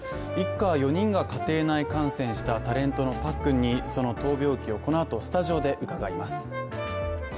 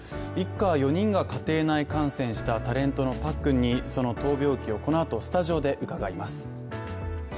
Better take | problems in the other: second | background sound (Brass instrument); 10 dB below the speech

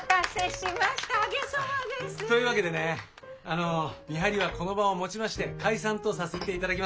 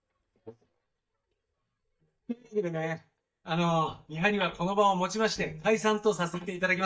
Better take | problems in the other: first | noise reduction (neural mask model DeepFilterNet 3)

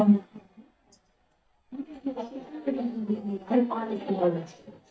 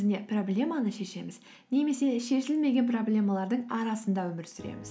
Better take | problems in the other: second | noise reduction (neural mask model DeepFilterNet 3)

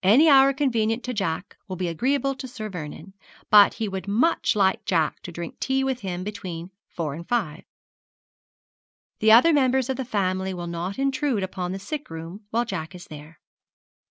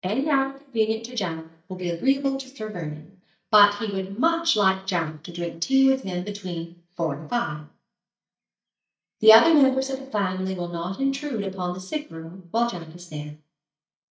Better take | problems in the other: first | noise reduction (neural mask model DeepFilterNet 3)

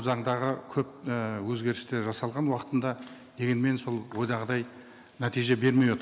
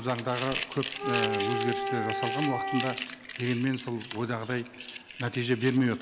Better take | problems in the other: first | background sound (Crumpling, crinkling + Wind instrument, woodwind instrument); 4 dB below the speech

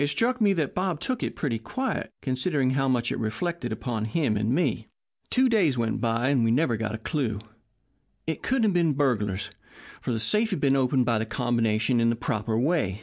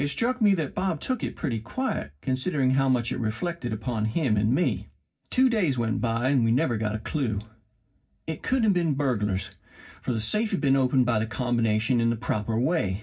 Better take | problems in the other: first | room echo; dies away in 0.4 s

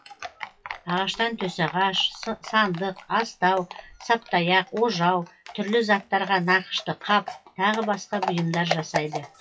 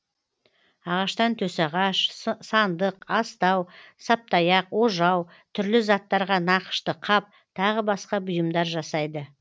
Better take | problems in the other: second | noise reduction (classical method WPE with log-MMSE)

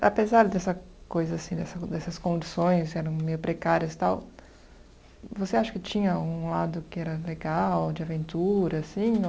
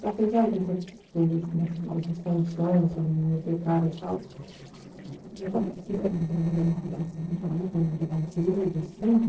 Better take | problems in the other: first | noise reduction (neural separator model SepFormer DNS4)

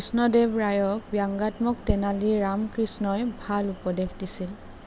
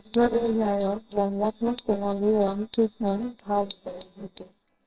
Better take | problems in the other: first | noise reduction (neural separator model SepFormer WHAMR!)

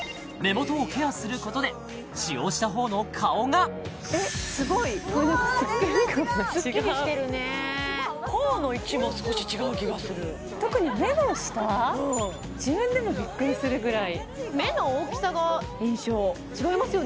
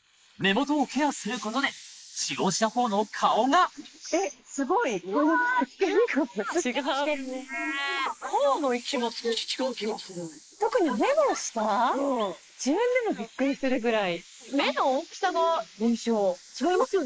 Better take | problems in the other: first | noise reduction (neural mask model Resemble Enhance denoiser)

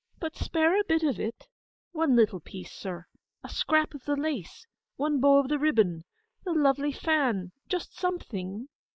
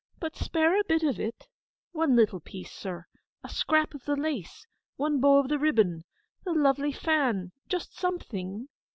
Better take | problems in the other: second | noise reduction (neural mask model Resemble Enhance denoiser)

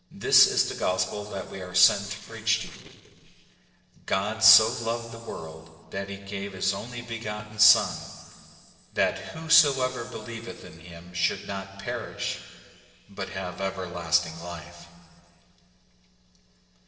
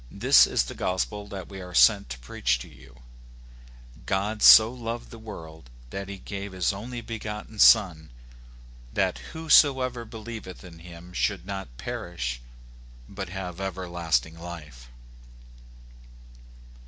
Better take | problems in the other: second | noise reduction (neural separator model SepFormer DNS4)

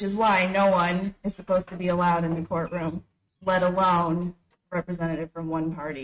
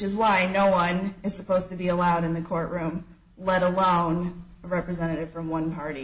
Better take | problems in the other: second | noise reduction (neural mask model RNNoise)

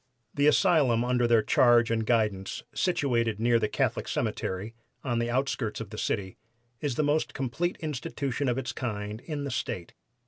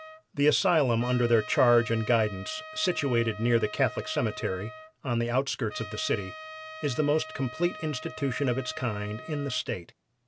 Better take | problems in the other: first | background sound (Trumpet); 15 dB below the speech

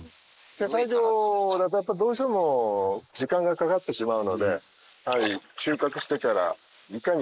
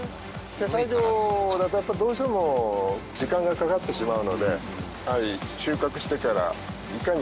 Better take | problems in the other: second | noise reduction (neural mask model Resemble Enhance denoiser)

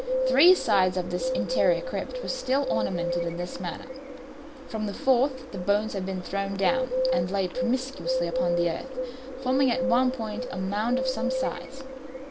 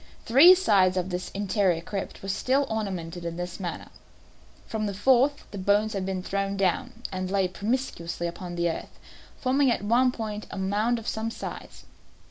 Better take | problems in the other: second | background sound (Bird); 3 dB below the speech

